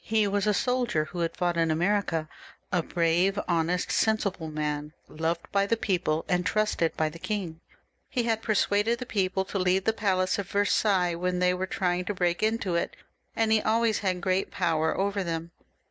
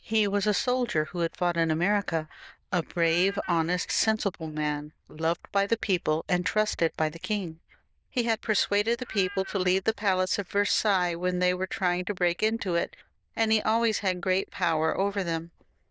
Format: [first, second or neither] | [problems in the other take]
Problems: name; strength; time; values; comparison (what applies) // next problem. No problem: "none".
first | noise reduction (neural diffusion model UNIVERSE++)